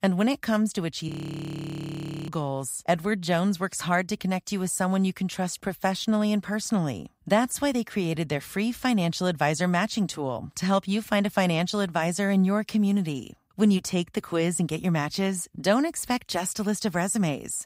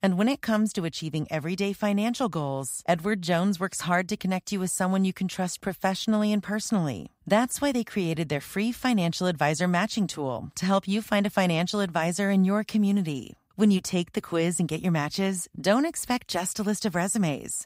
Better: second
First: audio freezing; at 1 s for 1 s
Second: none

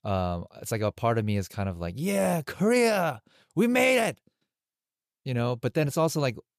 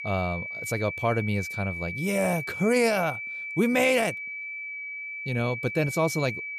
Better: first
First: none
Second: high-pitched whine; loud; throughout; 2.5 kHz, 6 dB below the speech

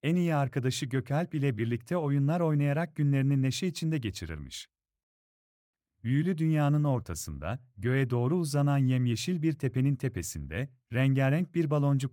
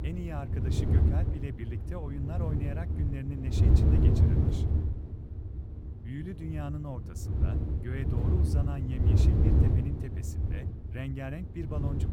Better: first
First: none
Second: wind noise on the microphone; heavy; 3 dB above the speech

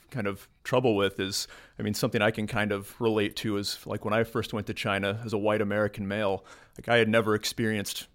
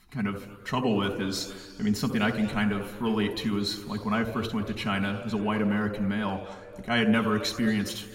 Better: first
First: none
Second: room echo; slight; dies away in 1.7 s

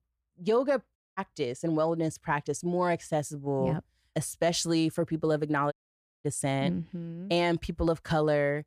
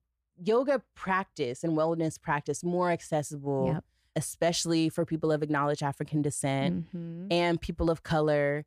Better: second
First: audio cutting out; at 1 s and at 5.5 s for 0.5 s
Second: none

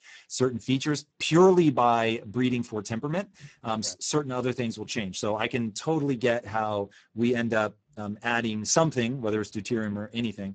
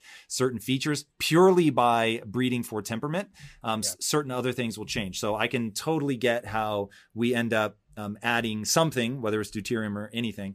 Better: second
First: garbled, watery; badly; nothing above 7.5 kHz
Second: none

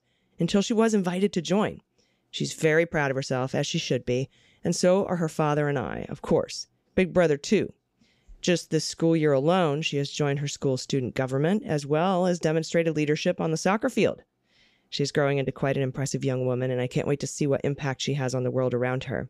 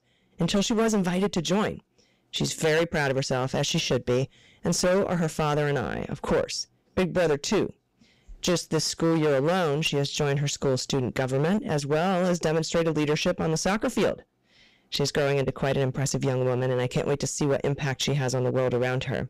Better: first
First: none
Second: distortion; heavy; 15% of the sound clipped

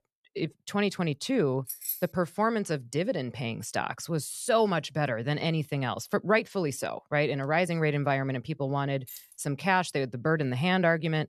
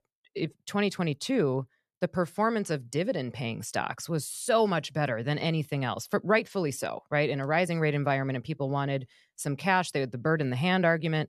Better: second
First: jangling keys; noticeable; at 1.5 s; peak 4 dB below the speech // jangling keys; faint; at 9 s; peak 15 dB below the speech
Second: none

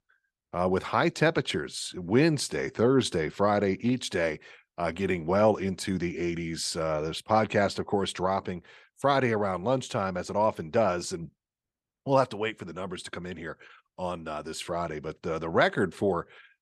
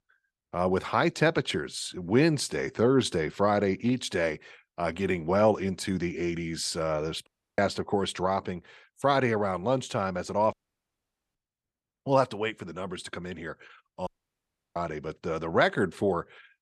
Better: first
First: none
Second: audio cutting out; at 7.5 s, at 11 s for 1 s and at 14 s for 0.5 s

